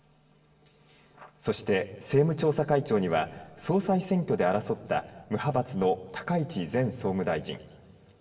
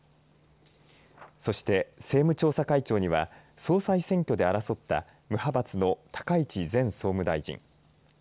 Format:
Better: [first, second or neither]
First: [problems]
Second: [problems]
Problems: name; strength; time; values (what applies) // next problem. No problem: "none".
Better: second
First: room echo; dies away in 2.3 s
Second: none